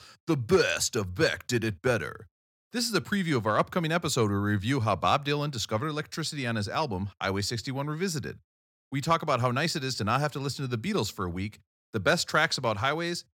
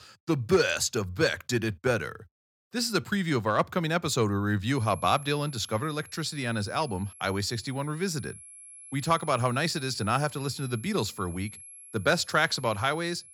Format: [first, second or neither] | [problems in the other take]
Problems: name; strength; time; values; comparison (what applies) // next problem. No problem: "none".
first | high-pitched whine; noticeable; from 5 s on; 11 kHz, 15 dB below the speech